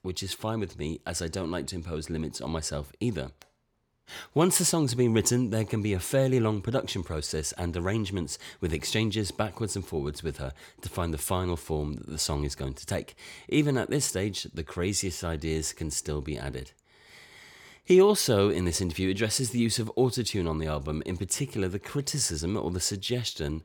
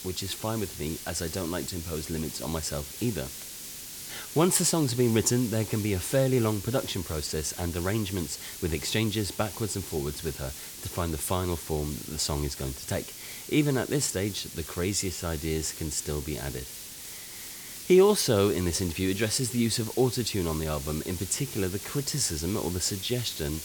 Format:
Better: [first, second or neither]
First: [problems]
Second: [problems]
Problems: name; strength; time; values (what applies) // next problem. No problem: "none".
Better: first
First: none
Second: hiss; loud; throughout; 10 dB below the speech